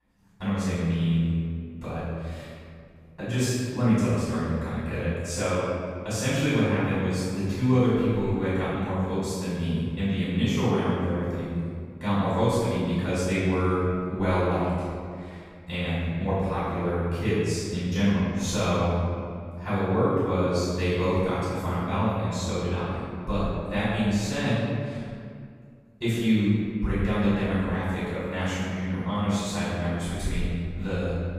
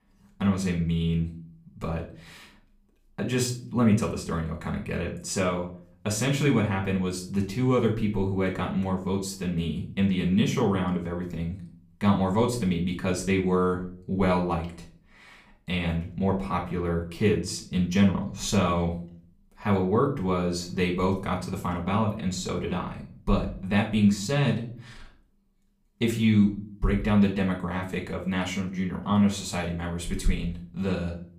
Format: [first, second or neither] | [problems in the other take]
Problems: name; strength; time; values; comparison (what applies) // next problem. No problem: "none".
second | room echo; strong; dies away in 2 s; slight in the second // off-mic speech; far; far in the second